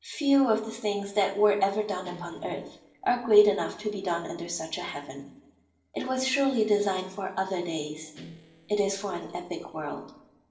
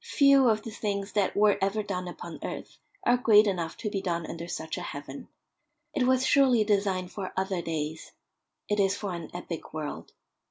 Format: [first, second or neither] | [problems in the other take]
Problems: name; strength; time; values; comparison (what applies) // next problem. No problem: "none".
second | noise reduction (neural separator model SepFormer DNS4)